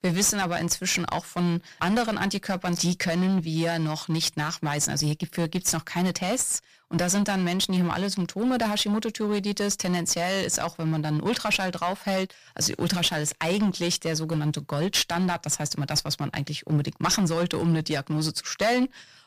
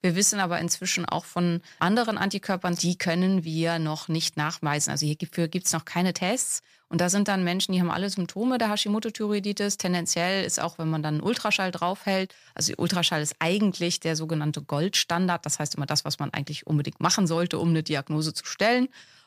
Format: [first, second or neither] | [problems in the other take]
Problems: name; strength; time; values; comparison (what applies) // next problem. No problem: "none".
second | distortion; slight; 8% of the sound clipped